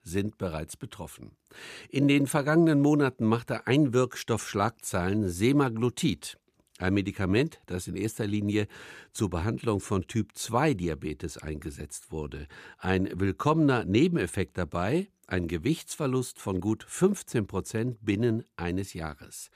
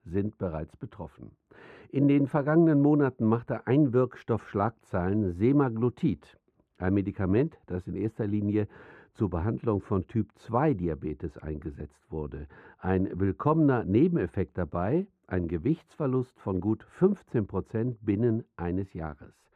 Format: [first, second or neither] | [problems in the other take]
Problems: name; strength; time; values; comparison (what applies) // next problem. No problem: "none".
first | muffled; very; fading above 3 kHz